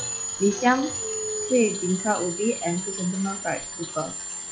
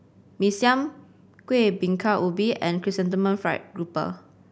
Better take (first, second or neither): second